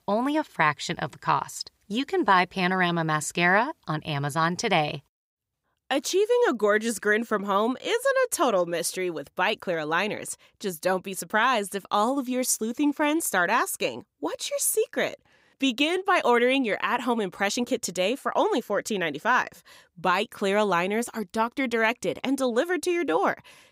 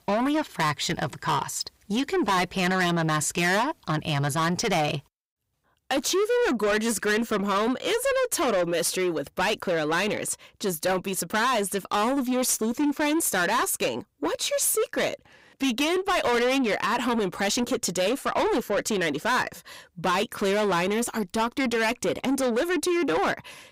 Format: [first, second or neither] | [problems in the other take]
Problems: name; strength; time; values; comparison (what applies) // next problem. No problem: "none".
first | distortion; heavy; 7 dB below the speech